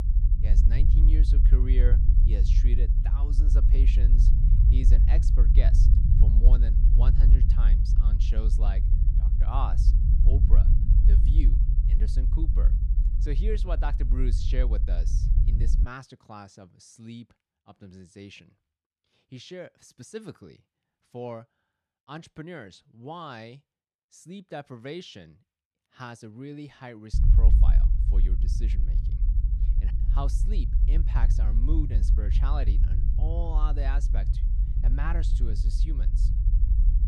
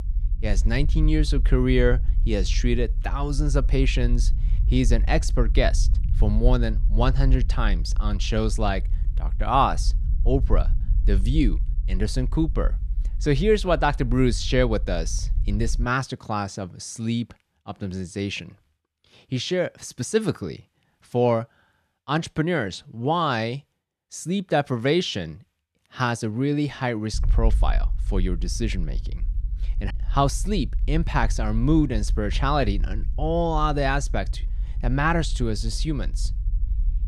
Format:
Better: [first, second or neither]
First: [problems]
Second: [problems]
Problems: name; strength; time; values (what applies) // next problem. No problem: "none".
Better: second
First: low rumble; loud; until 16 s and from 27 s on; 3 dB below the speech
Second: low rumble; faint; until 16 s and from 27 s on; 20 dB below the speech